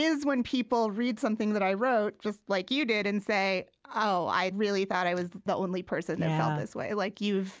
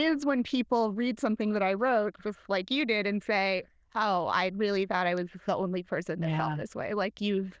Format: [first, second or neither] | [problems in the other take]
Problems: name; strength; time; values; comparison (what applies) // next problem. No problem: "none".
first | noise reduction (neural diffusion model UNIVERSE++)